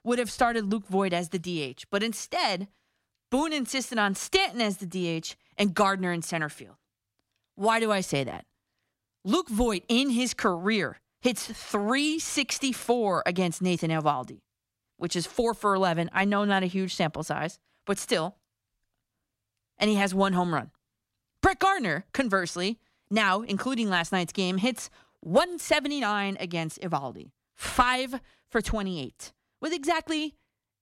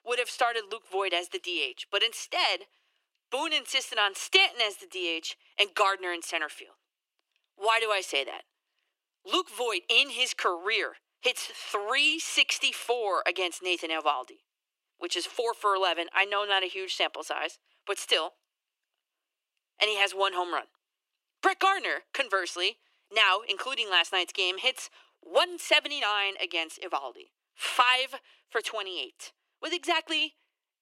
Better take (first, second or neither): first